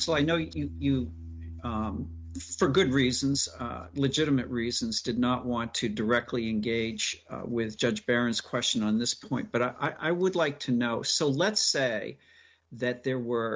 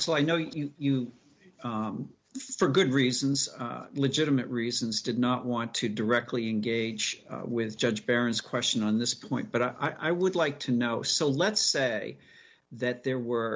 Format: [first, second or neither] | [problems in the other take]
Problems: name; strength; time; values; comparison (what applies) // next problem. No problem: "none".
second | noise reduction (neural mask model RNNoise)